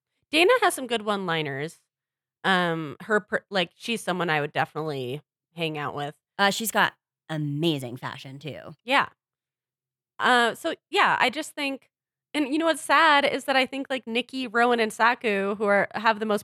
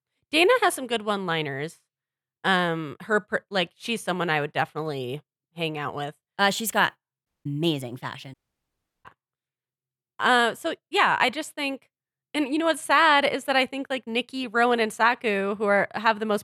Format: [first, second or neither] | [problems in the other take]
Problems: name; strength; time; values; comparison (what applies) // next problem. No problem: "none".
first | audio cutting out; at 7.5 s and at 8.5 s for 0.5 s